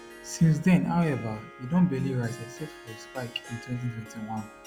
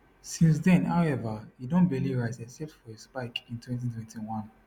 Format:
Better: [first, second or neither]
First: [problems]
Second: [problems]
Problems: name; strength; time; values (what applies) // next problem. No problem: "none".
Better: second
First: background sound (Harp); 18 dB below the speech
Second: none